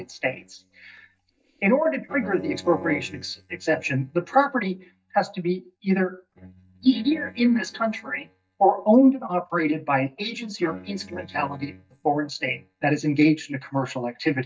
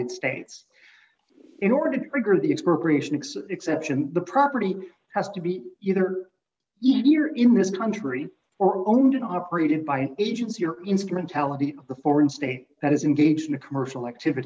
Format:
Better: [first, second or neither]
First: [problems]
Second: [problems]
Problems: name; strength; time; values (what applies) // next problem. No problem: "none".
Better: second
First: noise reduction (neural mask model DeepFilterNet 3)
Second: none